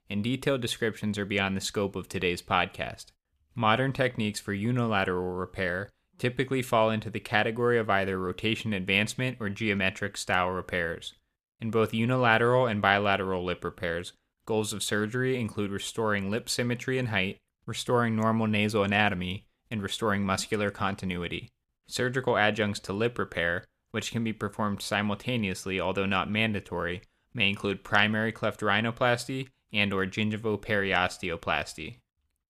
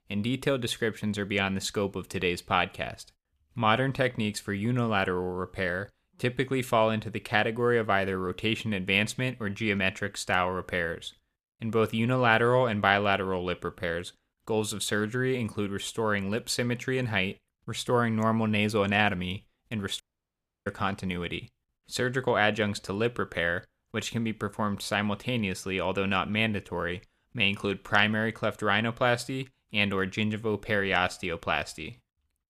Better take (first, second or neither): first